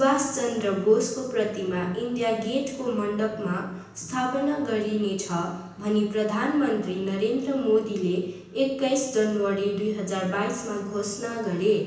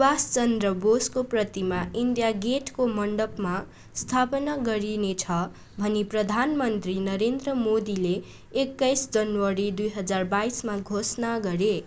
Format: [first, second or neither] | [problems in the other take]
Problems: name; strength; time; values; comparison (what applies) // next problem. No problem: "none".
second | room echo; dies away in 0.9 s